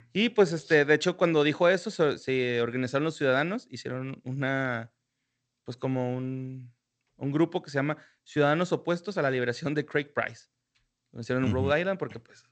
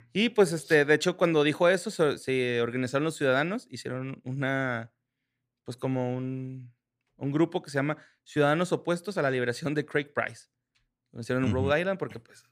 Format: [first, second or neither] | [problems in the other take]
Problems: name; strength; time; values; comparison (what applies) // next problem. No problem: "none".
second | garbled, watery; slightly; nothing above 8 kHz